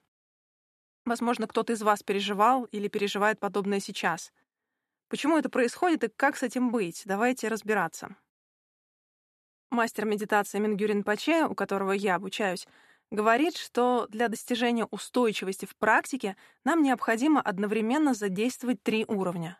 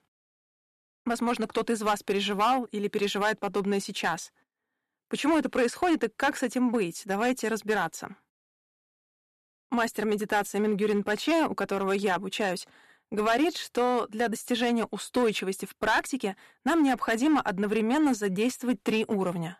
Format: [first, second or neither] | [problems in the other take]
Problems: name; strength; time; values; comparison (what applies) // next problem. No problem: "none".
first | distortion; slight; 4% of the sound clipped